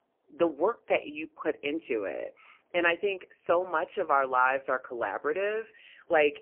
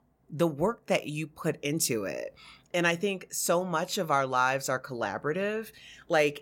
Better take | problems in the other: second | phone-call audio; poor line; nothing above 3 kHz

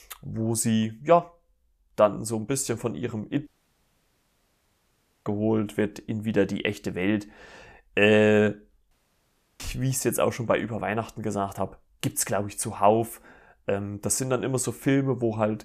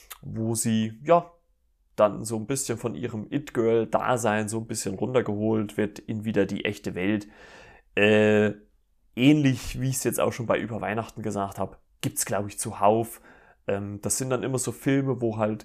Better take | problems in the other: second | audio cutting out; at 3.5 s for 2 s and at 9 s for 0.5 s

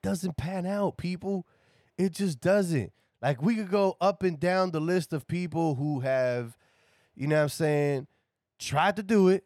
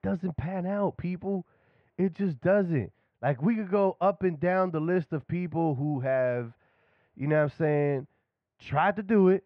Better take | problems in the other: first | muffled; very; fading above 2 kHz

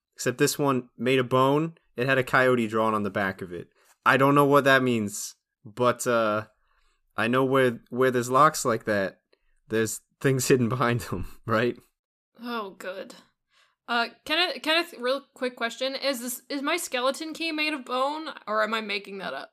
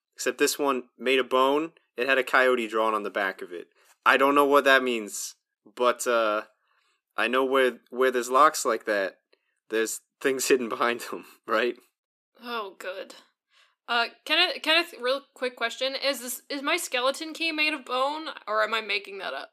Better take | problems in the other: first | thin; very slightly; fading below 300 Hz

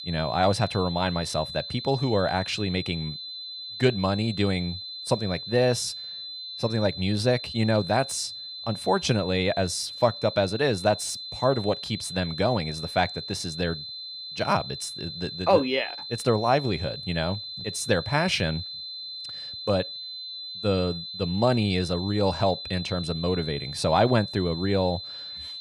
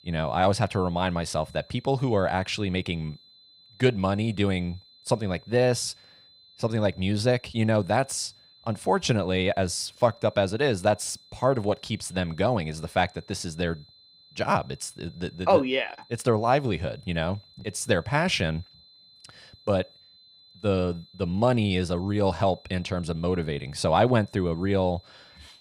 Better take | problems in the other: second | high-pitched whine; loud; throughout; 4 kHz, 8 dB below the speech; faint in the second

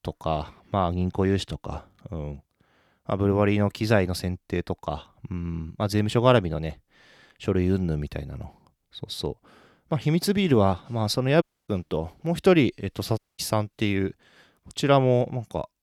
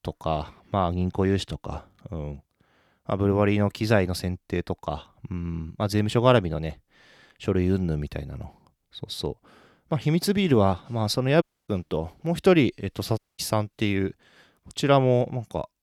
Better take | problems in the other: neither | audio cutting out; at 11 s and at 13 s; the same in both

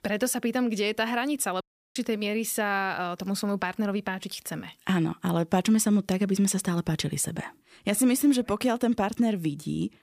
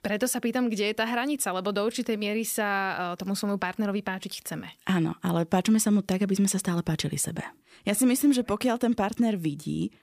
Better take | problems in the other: second | audio cutting out; at 1.5 s

